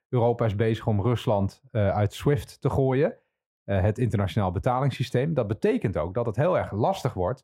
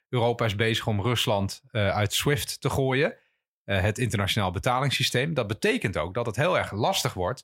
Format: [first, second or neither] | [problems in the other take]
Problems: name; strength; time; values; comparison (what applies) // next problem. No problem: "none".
second | muffled; slightly; fading above 1.5 kHz